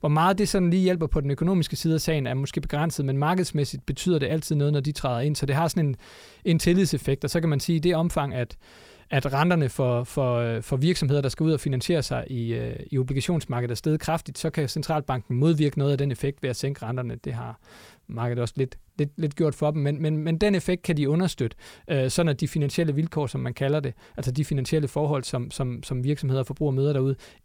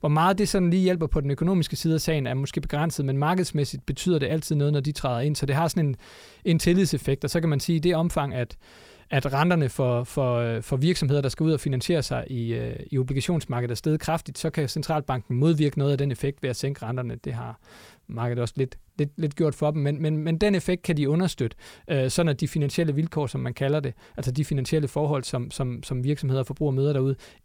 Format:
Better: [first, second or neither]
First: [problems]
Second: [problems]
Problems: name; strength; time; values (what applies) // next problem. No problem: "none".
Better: neither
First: none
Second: none